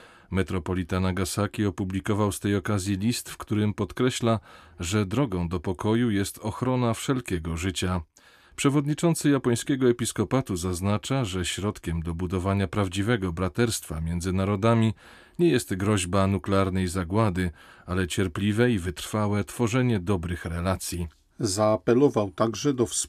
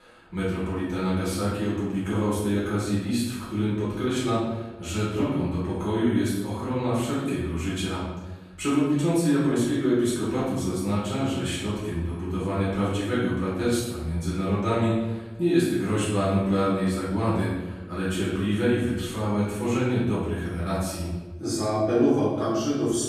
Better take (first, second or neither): first